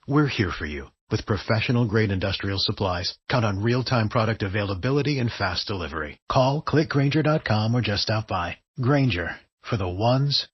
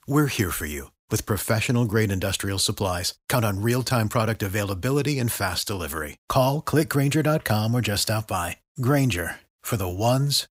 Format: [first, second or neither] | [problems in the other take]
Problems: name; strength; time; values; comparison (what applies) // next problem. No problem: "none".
second | garbled, watery; slightly; nothing above 5.5 kHz